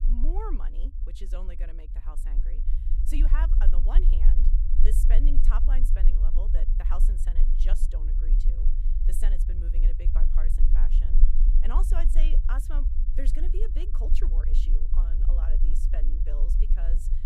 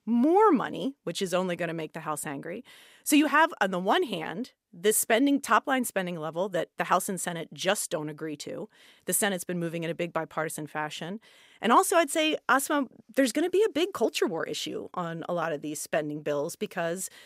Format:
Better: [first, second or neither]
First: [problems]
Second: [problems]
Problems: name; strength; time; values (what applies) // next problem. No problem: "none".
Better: second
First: low rumble; loud; throughout; 7 dB below the speech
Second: none